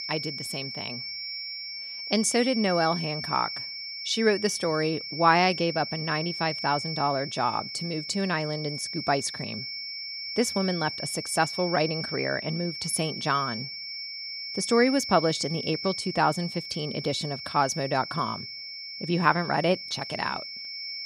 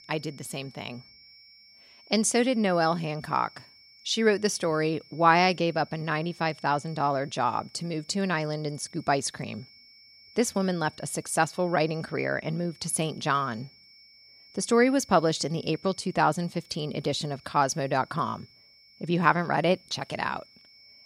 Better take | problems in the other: second | high-pitched whine; loud; throughout; 5.5 kHz, 6 dB below the speech; faint in the second

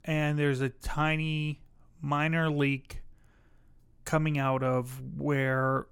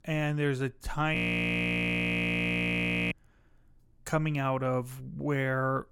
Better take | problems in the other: first | audio freezing; at 1 s for 2 s

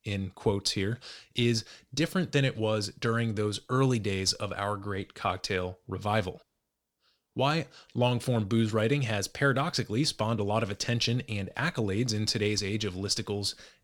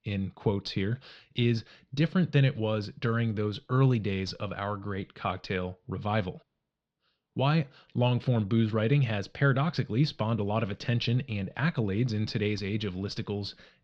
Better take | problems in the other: first | muffled; very slightly; fading above 4 kHz

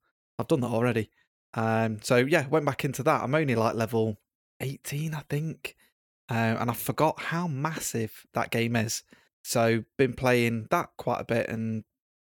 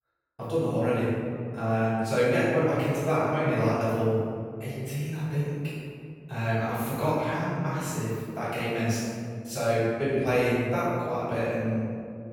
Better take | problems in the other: first | room echo; strong; dies away in 2.2 s // off-mic speech; far

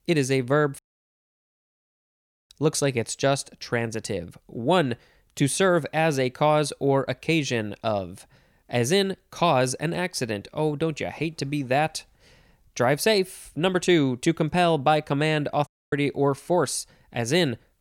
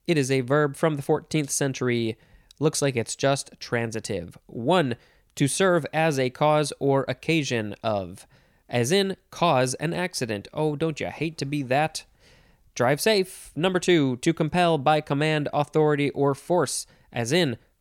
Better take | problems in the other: second | audio cutting out; at 1 s for 1.5 s and at 16 s

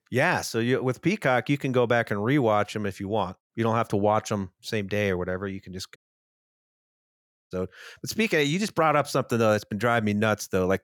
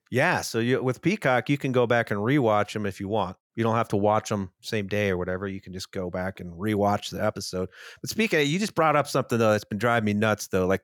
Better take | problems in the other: second | audio cutting out; at 6 s for 1.5 s

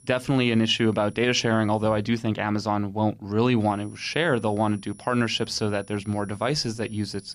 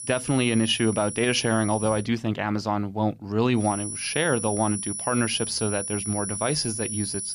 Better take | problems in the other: first | high-pitched whine; loud; until 2 s and from 3.5 s on; 10 kHz, 5 dB below the speech; faint in the first

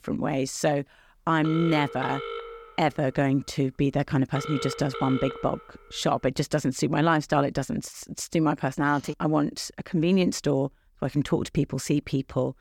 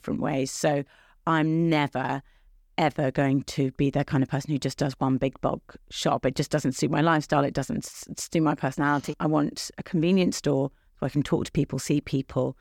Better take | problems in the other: second | phone ringing; noticeable; from 1.5 to 5.5 s; peak 7 dB below the speech

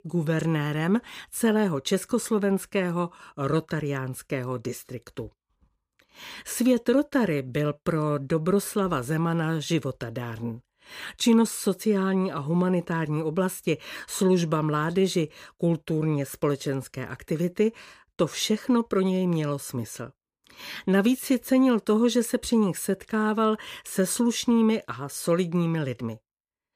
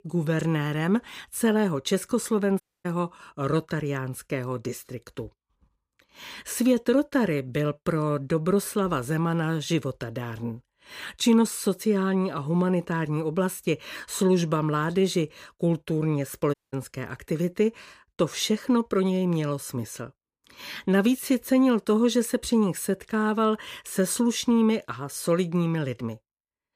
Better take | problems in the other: first | audio cutting out; at 2.5 s and at 17 s

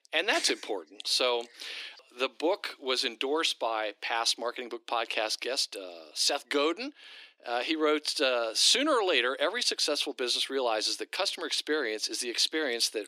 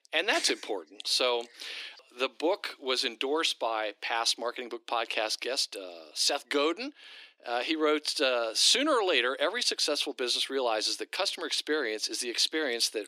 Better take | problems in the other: neither | thin; somewhat; fading below 300 Hz; the same in both

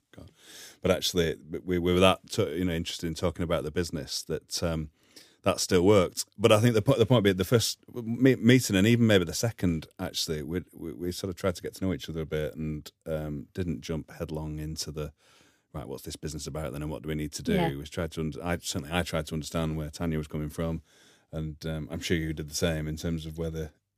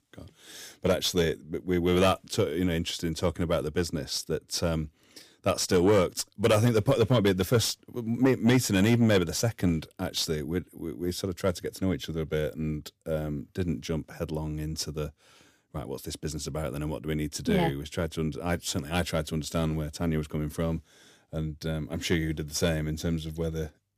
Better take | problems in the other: first | distortion; slight; 10 dB below the speech

